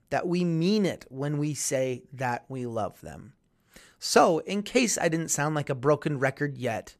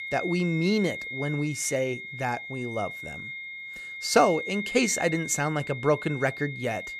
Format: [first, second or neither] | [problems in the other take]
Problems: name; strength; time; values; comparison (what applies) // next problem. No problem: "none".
first | high-pitched whine; loud; throughout; 2 kHz, 8 dB below the speech